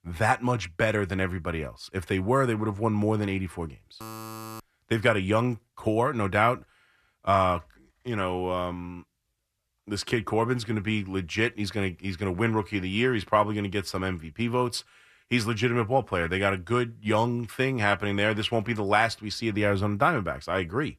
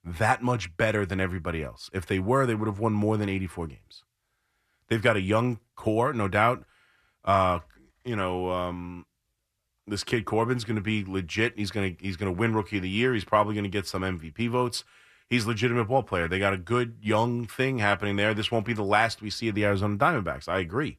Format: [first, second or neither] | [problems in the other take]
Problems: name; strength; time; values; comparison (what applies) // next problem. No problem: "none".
second | alarm; faint; at 4 s; peak 10 dB below the speech